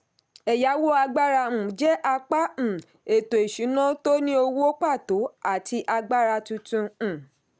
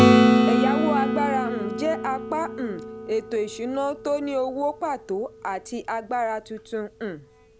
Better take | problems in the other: first | background sound (Acoustic guitar / Strum); 3 dB above the speech

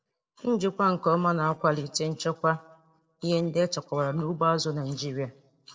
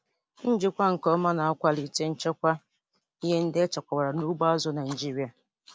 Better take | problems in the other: second | noise reduction (neural separator model SepFormer DNS4)

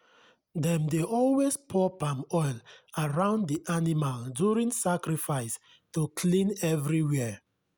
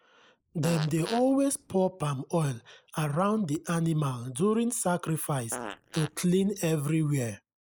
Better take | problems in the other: first | noise reduction (neural mask model Resemble Enhance denoiser)

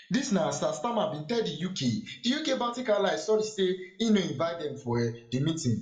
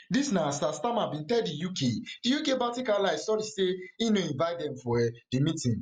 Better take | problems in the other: second | room echo; dies away in 0.5 s

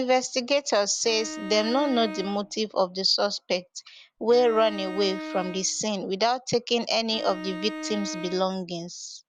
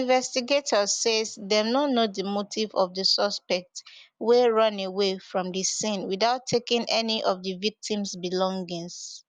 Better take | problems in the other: second | background sound (Bowed string instrument); 11 dB below the speech

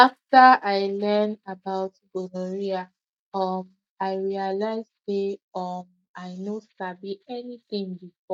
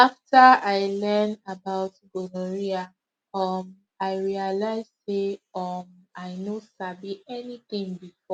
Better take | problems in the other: second | noise reduction (neural mask model DeepFilterNet 3)

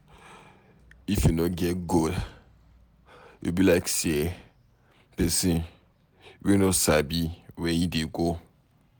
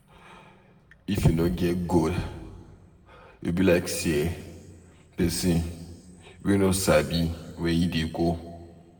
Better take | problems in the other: first | room echo; dies away in 1.4 s

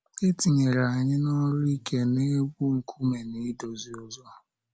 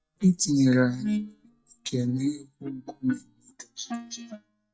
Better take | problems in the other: first | noise reduction (neural mask model DeepFilterNet 3)

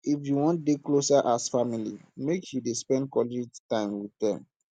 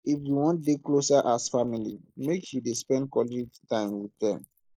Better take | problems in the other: first | noise reduction (neural mask model Resemble Enhance denoiser)

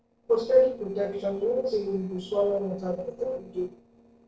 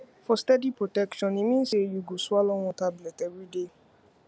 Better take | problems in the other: second | noise reduction (neural separator model SepFormer DNS4)

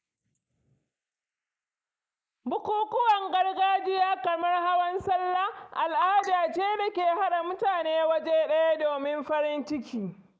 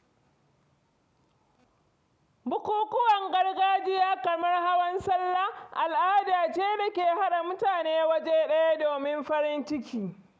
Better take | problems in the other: second | noise reduction (neural mask model Resemble Enhance denoiser)

